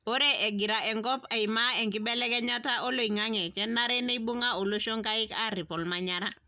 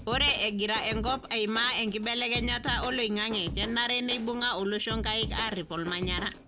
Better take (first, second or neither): first